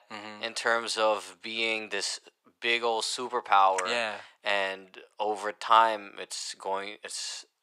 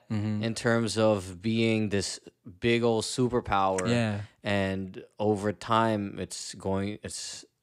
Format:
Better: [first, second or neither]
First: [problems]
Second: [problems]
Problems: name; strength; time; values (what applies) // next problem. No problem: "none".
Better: second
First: thin; very; fading below 650 Hz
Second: none